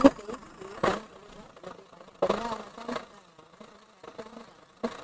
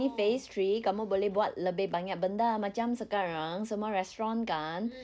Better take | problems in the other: second | noise reduction (neural mask model RNNoise)

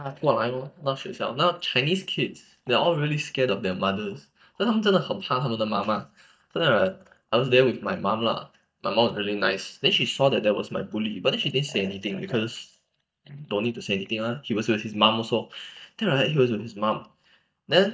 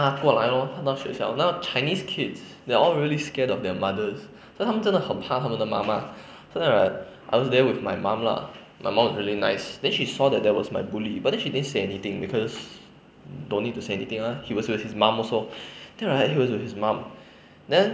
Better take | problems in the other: second | noise reduction (neural mask model DeepFilterNet 3)

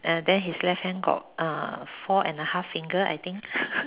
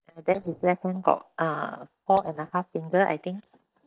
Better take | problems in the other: first | noise reduction (neural mask model DeepFilterNet 3)

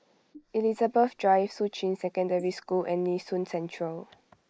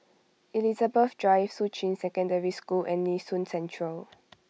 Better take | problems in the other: second | noise reduction (neural mask model Resemble Enhance denoiser)

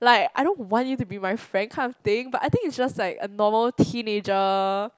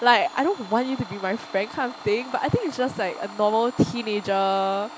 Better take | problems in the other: first | background sound (Domestic sounds, home sounds); 16 dB below the speech

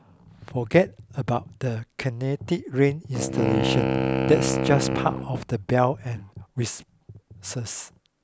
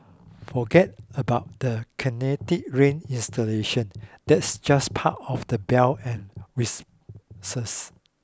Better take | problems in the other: second | background sound (Wind instrument, woodwind instrument); as loud as the speech

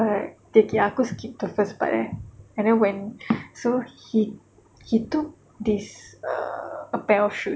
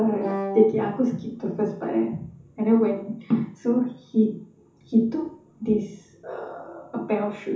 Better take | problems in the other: first | background sound (Wind instrument, woodwind instrument); 5 dB below the speech // room echo; dies away in 0.6 s

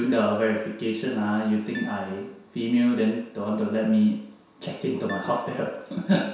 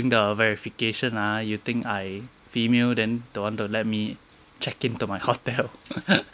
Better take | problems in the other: second | background sound (Piano); 18 dB below the speech // room echo; dies away in 0.7 s

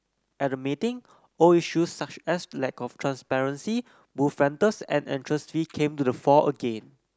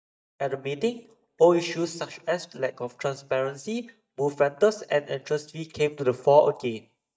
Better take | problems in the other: first | noise reduction (neural mask model DeepFilterNet 3)

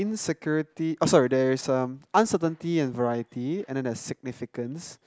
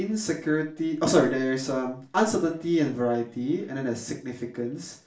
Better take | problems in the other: first | room echo; dies away in 0.4 s

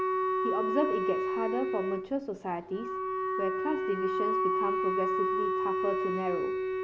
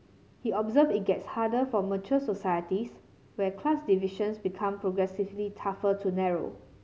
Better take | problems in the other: second | background sound (Wind instrument, woodwind instrument); 4 dB above the speech

